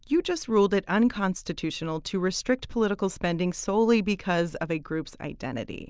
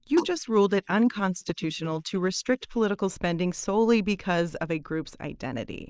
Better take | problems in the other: first | noise reduction (neural mask model Resemble Enhance denoiser)

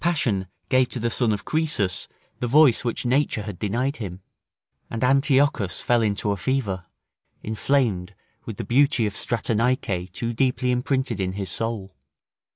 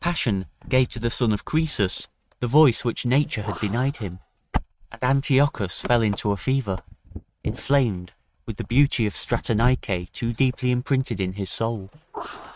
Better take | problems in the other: first | noise reduction (neural mask model RNNoise)

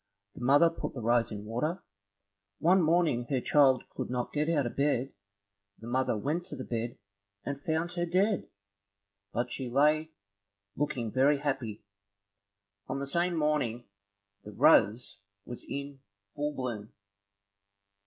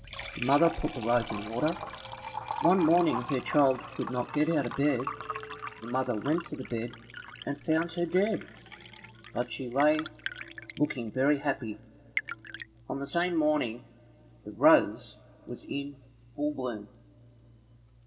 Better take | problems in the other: first | background sound (Liquid); 12 dB below the speech // room echo; dies away in 0.4 s

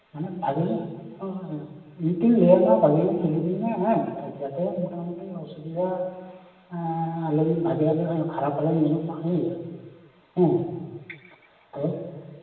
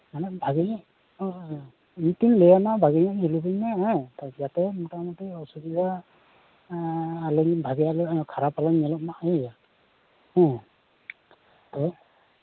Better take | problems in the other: second | room echo; dies away in 1.3 s

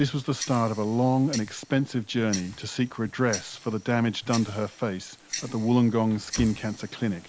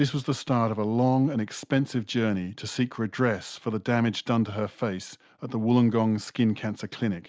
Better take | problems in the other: second | background sound (Tick-tock + Wood); 14 dB below the speech

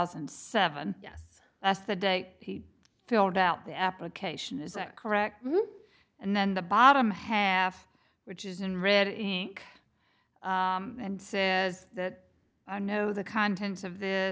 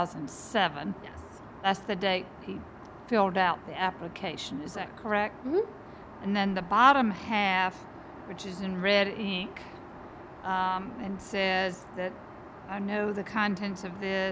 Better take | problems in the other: first | background sound (Aircraft); 16 dB below the speech

